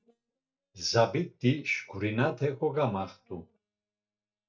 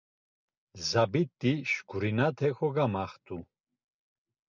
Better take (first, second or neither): second